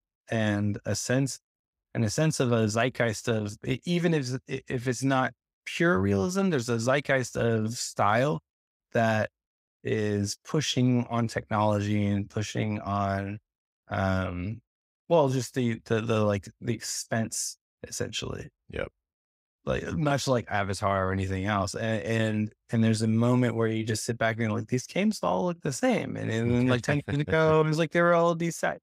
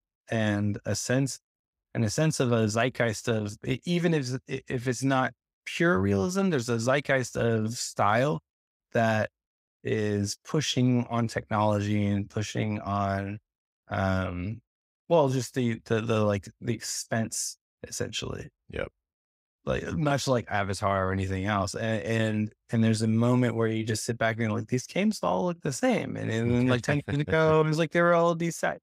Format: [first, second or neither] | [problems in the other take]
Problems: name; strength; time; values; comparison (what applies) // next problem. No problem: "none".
neither | none